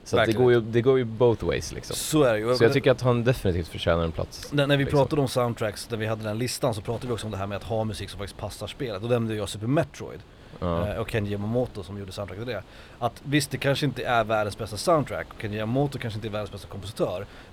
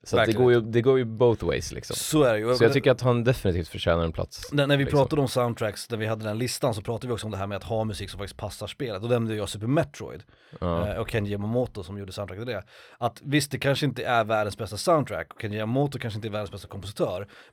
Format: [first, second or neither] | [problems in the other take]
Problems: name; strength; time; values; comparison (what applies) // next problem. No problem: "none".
second | wind noise on the microphone; occasional gusts; 25 dB below the speech